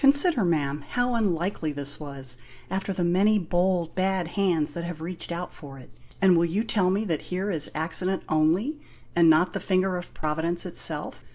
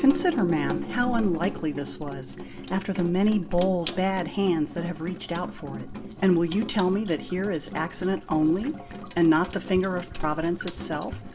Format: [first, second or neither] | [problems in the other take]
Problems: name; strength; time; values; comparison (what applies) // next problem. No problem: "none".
first | background sound (Sink (filling or washing) / Water tap, faucet); 10 dB below the speech